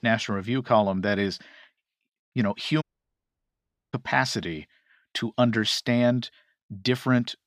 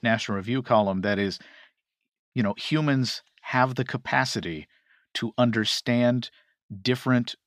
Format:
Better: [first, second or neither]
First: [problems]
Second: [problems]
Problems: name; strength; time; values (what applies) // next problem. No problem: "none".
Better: second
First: audio cutting out; at 3 s for 1 s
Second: none